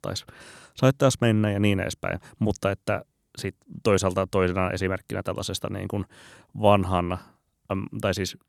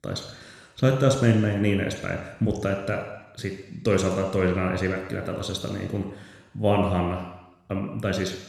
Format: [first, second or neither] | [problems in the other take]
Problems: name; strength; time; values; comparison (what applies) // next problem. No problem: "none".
first | room echo; noticeable; dies away in 1 s